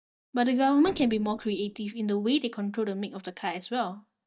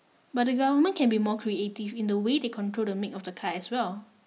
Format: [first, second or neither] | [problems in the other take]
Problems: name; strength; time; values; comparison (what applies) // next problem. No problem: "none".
second | noise reduction (neural mask model DeepFilterNet 3)